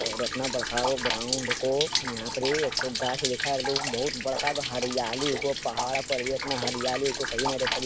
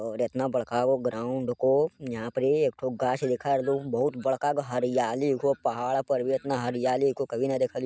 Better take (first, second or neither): second